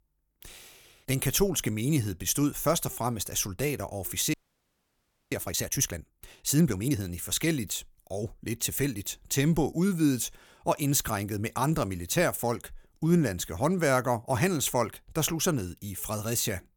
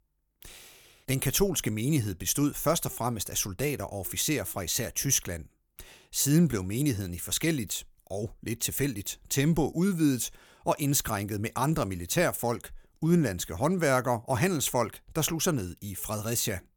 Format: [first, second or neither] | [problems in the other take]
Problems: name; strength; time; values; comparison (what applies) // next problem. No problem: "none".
second | audio freezing; at 4.5 s for 1 s